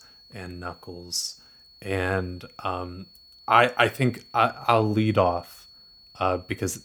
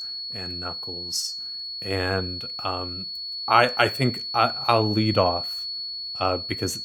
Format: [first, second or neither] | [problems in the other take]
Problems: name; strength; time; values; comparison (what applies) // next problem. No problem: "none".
first | high-pitched whine; loud; throughout; 4.5 kHz, 5 dB below the speech; faint in the first